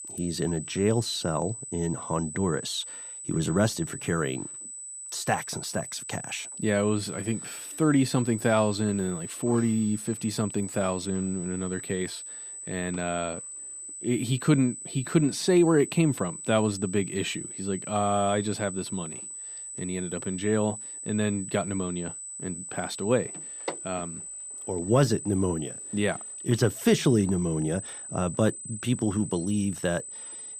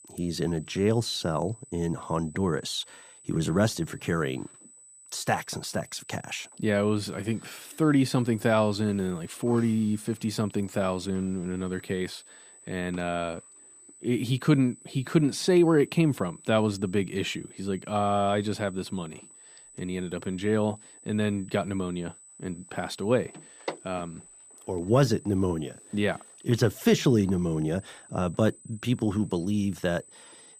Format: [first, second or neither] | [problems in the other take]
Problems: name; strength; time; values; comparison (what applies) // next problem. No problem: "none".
second | high-pitched whine; loud; throughout; 8 kHz, 9 dB below the speech; faint in the second